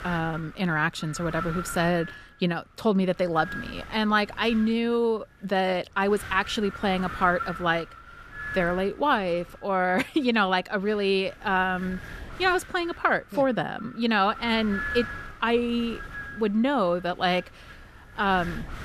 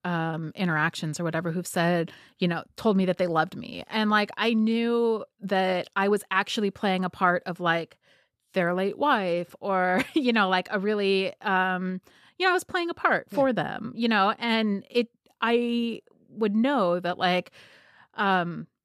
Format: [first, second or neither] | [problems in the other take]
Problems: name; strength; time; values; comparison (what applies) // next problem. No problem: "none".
second | wind noise on the microphone; occasional gusts; 10 dB below the speech